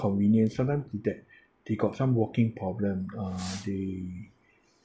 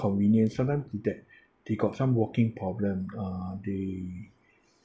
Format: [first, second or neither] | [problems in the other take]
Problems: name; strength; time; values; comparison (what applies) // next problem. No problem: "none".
second | background sound (Fireworks); 20 dB below the speech